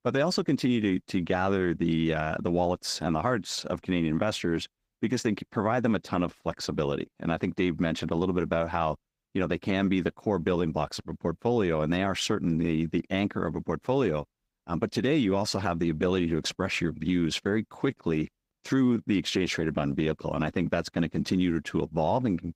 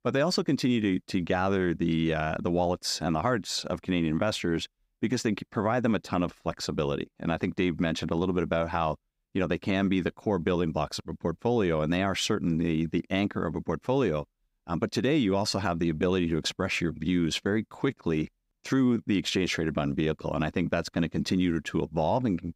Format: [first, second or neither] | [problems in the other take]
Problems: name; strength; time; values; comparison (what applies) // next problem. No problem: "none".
second | garbled, watery; slightly; nothing above 15.5 kHz